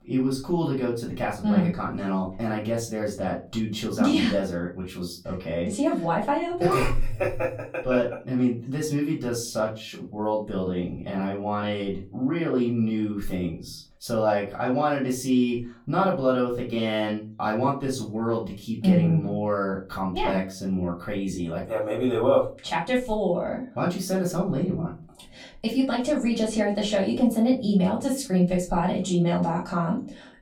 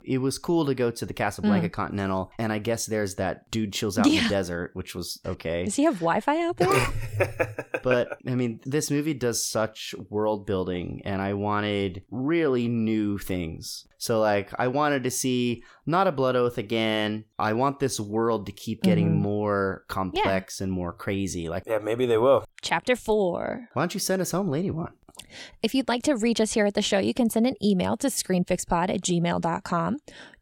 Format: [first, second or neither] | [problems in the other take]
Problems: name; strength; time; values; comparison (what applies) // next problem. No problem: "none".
second | off-mic speech; far // room echo; slight; dies away in 0.3 s